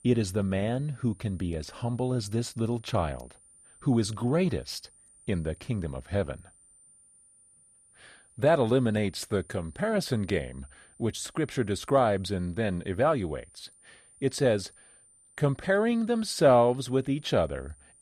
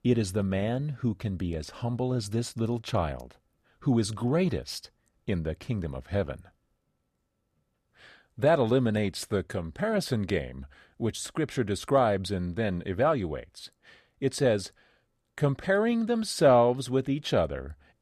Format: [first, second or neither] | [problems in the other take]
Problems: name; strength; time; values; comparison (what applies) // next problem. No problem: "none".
second | high-pitched whine; faint; throughout; 9 kHz, 25 dB below the speech